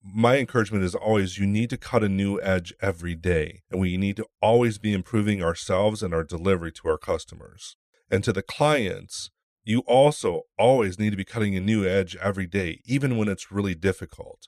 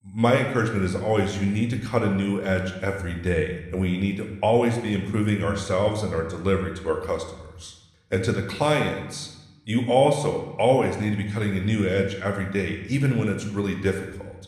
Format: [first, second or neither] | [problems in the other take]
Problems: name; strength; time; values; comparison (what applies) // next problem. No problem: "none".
first | room echo; slight; dies away in 0.8 s